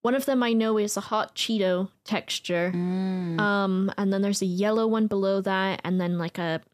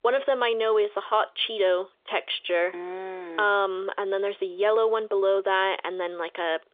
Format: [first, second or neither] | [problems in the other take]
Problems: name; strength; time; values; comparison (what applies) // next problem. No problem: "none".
first | phone-call audio; nothing above 3 kHz